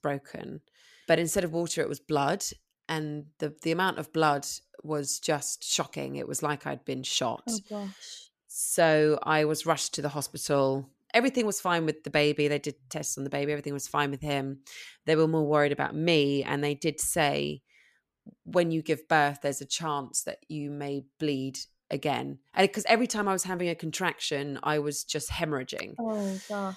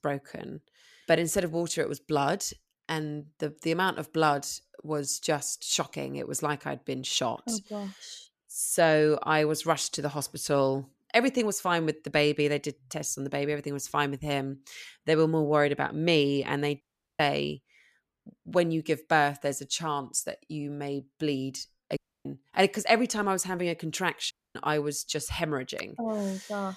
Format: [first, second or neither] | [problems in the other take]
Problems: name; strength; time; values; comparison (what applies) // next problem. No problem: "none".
first | audio cutting out; at 17 s, at 22 s and at 24 s